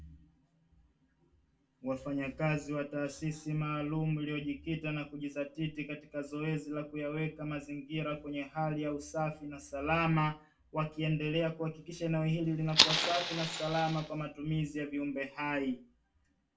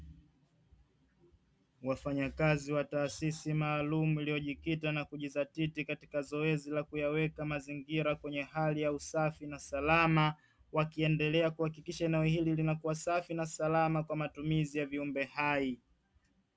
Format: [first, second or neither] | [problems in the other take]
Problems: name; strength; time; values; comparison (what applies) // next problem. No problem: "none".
second | background sound (Fire); 3 dB above the speech // room echo; dies away in 0.3 s